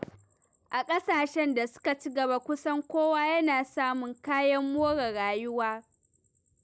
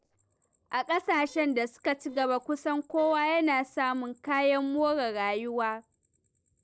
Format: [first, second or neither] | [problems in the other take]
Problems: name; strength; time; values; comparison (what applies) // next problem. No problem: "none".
first | noise reduction (neural separator model SepFormer DNS4)